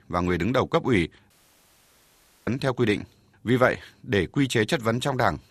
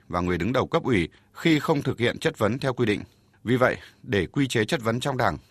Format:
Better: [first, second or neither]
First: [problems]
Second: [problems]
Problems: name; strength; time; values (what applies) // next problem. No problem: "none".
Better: second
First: audio cutting out; at 1.5 s for 1 s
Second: none